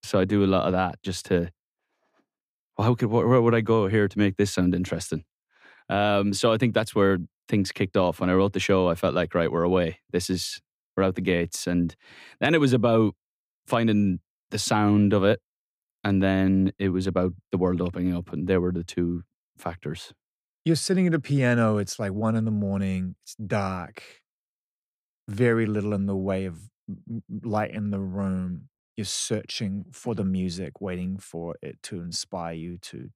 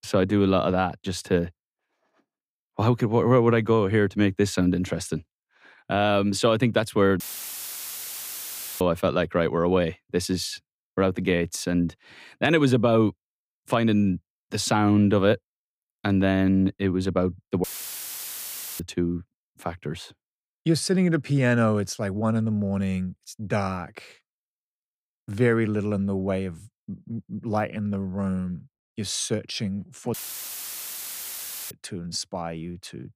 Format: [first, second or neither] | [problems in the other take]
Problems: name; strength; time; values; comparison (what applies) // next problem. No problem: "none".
first | audio cutting out; filled with static; at 7 s for 1.5 s, at 18 s for 1 s and at 30 s for 1.5 s